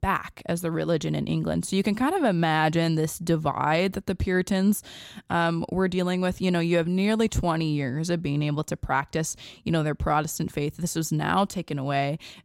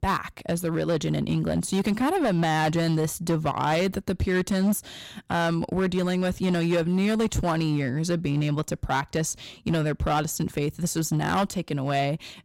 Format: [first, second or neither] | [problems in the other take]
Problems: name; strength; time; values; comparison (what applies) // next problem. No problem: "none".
first | distortion; slight; 9% of the sound clipped